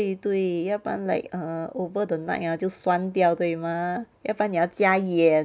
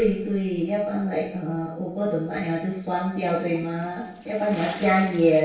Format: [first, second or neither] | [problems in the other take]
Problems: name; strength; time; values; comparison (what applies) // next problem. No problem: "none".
first | noise reduction (neural separator model SepFormer DNS4)